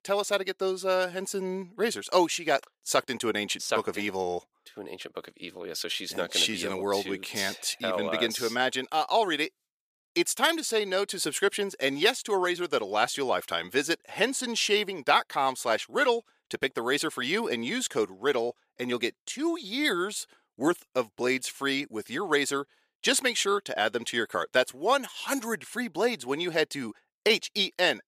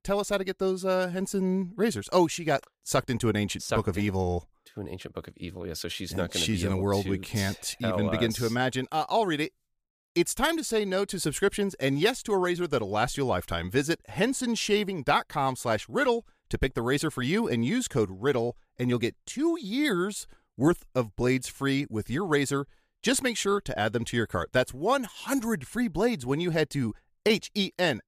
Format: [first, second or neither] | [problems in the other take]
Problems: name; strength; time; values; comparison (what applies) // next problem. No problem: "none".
second | thin; somewhat; fading below 350 Hz